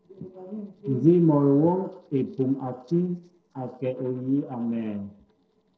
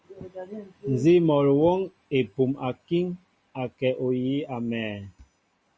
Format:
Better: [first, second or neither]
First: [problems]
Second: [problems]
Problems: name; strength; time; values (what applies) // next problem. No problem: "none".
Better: second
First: noise reduction (neural separator model SepFormer DNS4)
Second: none